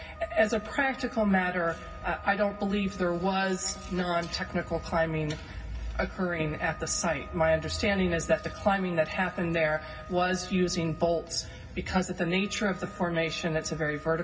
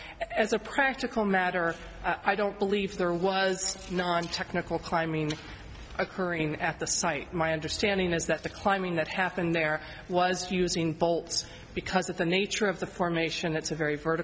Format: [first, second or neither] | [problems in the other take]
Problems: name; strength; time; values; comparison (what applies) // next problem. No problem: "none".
second | background sound (Wind instrument, woodwind instrument); 19 dB below the speech // room echo; dies away in 0.4 s